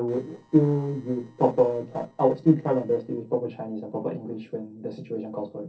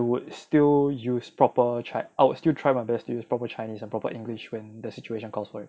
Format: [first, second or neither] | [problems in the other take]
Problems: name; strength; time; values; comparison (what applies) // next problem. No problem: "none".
second | noise reduction (neural separator model SepFormer DNS4)